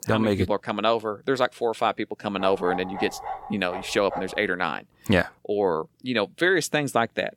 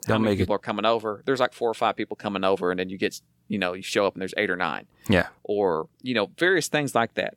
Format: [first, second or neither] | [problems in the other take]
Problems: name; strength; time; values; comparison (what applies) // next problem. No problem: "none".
second | dog barking; noticeable; from 2.5 to 4.5 s; peak 7 dB below the speech